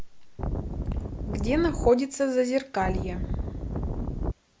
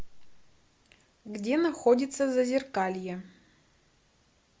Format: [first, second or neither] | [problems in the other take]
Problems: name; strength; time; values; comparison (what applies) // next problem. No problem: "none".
second | background sound (Wind); 1 dB below the speech